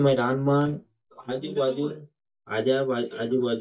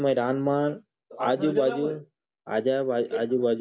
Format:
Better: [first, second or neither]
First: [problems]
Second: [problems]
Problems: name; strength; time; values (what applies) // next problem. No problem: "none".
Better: second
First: noise reduction (neural mask model DeepFilterNet 3)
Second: none